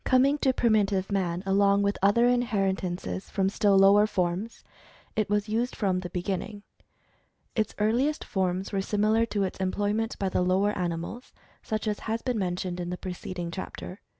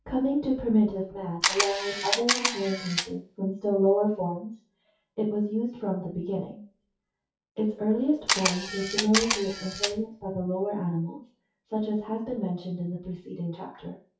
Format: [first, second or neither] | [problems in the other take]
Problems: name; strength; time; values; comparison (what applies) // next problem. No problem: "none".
first | noise reduction (classical method WPE with log-MMSE)